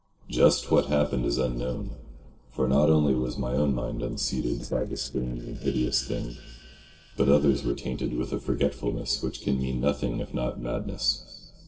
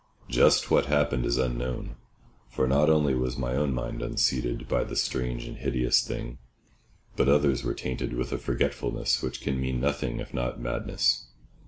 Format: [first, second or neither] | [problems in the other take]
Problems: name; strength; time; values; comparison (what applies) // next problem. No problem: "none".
second | noise reduction (neural separator model SepFormer DNS4)